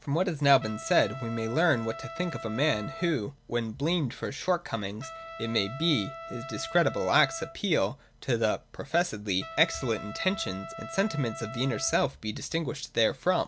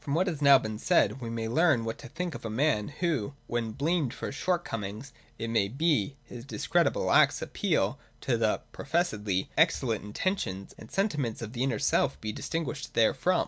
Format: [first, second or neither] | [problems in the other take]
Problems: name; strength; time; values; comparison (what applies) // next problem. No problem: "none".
second | background sound (Trumpet); 14 dB below the speech